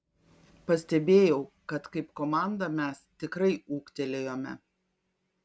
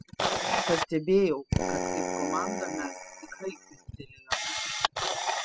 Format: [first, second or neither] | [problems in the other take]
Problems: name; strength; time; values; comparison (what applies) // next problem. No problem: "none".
first | noise reduction (classical method spectral subtraction)